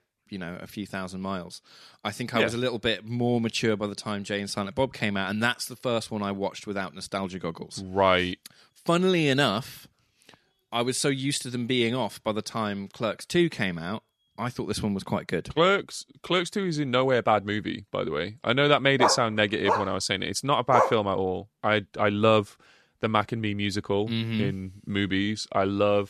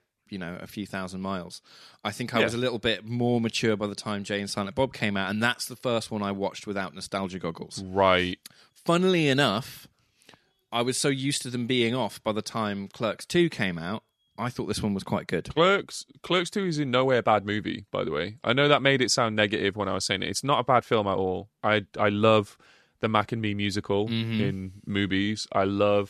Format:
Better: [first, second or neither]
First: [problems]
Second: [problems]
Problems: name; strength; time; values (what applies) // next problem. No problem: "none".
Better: second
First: dog barking; loud; from 19 to 21 s; peak 1 dB above the speech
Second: none